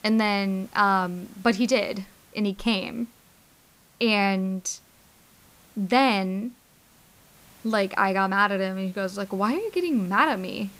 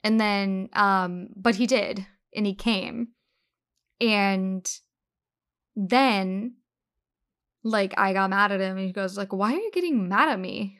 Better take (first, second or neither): second